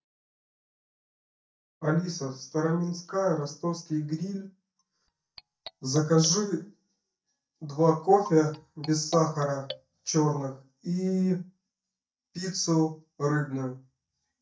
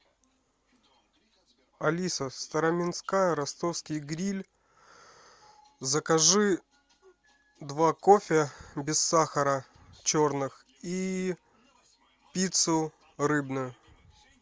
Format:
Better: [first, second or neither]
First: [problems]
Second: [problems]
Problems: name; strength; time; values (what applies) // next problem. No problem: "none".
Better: second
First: noise reduction (neural mask model DeepFilterNet 3)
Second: none